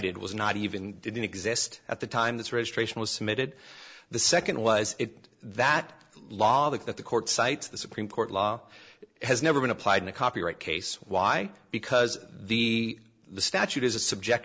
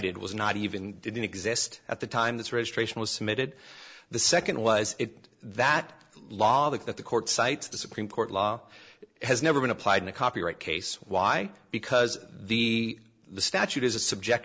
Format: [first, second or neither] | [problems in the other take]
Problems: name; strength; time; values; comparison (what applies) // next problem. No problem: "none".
first | background sound (Tambourine); 16 dB below the speech